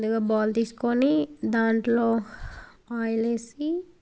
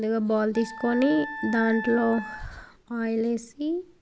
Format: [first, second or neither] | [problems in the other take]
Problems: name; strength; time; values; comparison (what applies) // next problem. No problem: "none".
first | background sound (Wind instrument, woodwind instrument); 11 dB below the speech